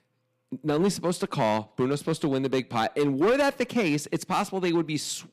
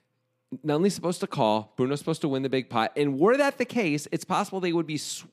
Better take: second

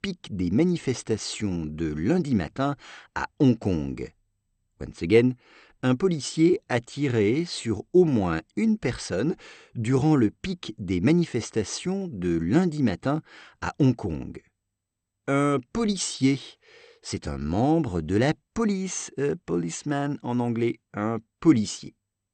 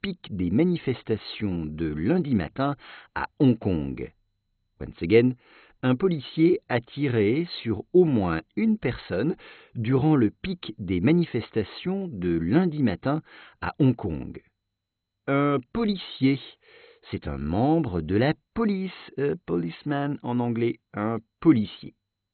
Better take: first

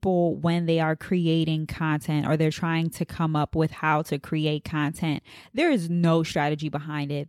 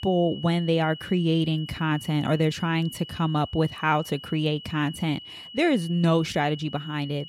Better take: first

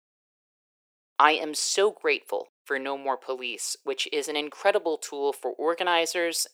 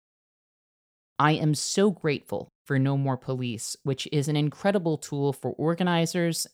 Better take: second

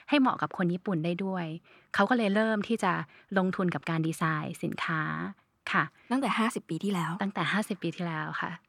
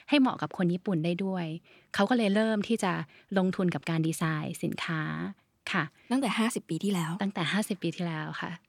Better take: second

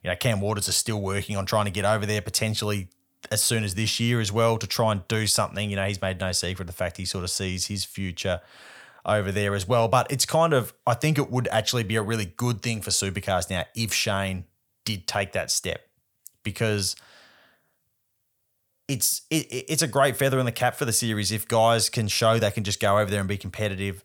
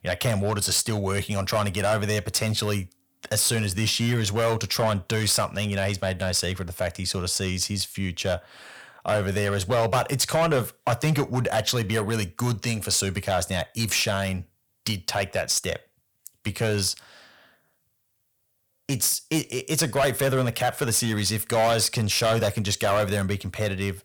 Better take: first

